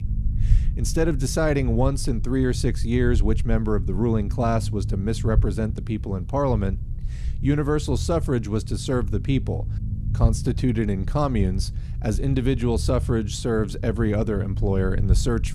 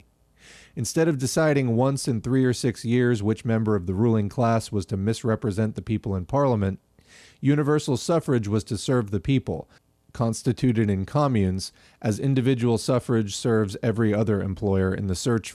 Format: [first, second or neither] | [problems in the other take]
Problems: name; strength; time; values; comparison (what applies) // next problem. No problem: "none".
second | low rumble; noticeable; throughout; 15 dB below the speech